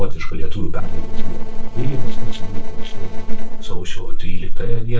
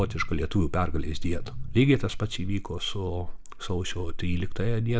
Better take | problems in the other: second | noise reduction (neural separator model SepFormer DNS4)

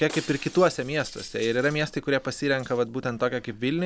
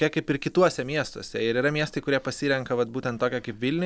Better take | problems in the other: second | background sound (Shatter); 20 dB below the speech

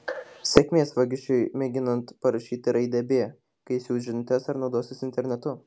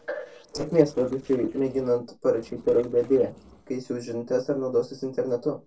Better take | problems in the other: first | noise reduction (neural separator model SepFormer DNS4)

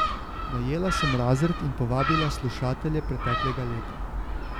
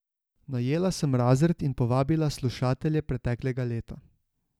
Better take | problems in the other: second | background sound (Gull, seagull); 2 dB below the speech

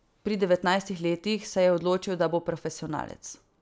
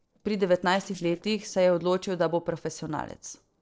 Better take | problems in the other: first | noise reduction (neural separator model SepFormer DNS4)

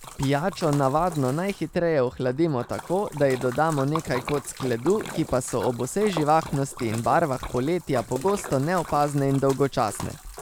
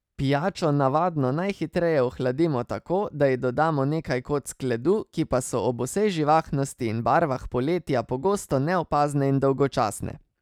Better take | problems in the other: second | background sound (Splash, splatter); 14 dB below the speech

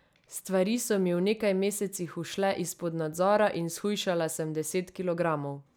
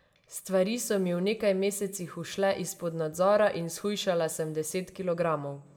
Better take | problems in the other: first | room echo; dies away in 0.8 s

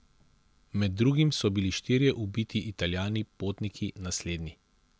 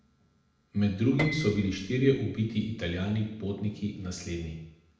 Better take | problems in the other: first | background sound (Piano); 11 dB below the speech // room echo; dies away in 0.8 s

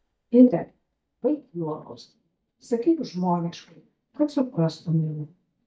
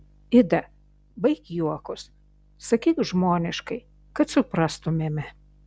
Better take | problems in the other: second | noise reduction (neural mask model DeepFilterNet 3)

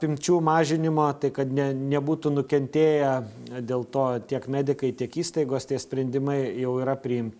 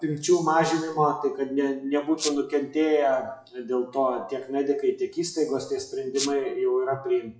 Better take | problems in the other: first | noise reduction (classical method WPE with log-MMSE)

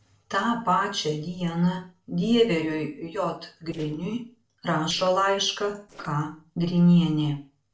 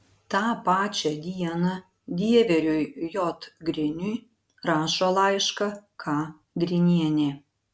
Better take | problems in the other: second | noise reduction (neural separator model SepFormer DNS4)

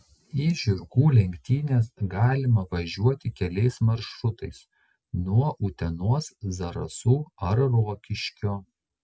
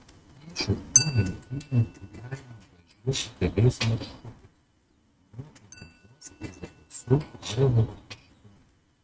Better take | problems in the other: first | noise reduction (neural mask model RNNoise)

